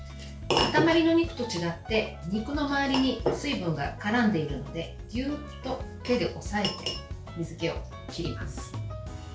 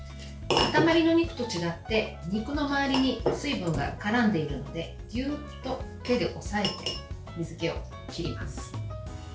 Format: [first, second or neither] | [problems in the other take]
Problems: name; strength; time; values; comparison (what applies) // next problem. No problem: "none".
first | background sound (Slam); 11 dB below the speech